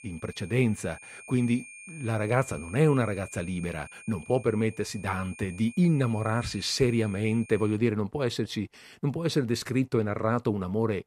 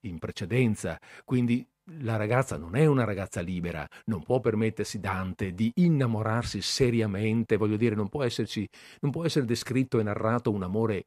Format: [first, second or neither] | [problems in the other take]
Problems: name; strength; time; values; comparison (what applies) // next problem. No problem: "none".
second | high-pitched whine; noticeable; until 8 s; 2.5 kHz, 20 dB below the speech